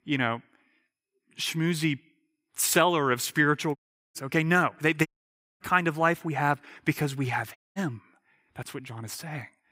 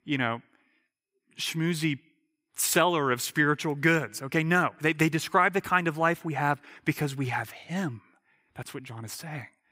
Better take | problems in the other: second | audio cutting out; at 4 s, at 5 s for 0.5 s and at 7.5 s

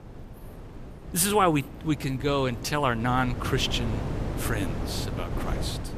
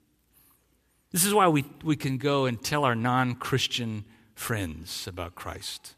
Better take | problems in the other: second | wind noise on the microphone; occasional gusts; 10 dB below the speech

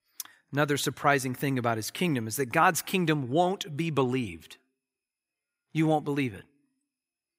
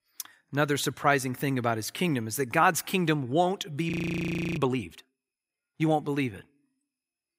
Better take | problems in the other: first | audio freezing; at 4 s for 0.5 s

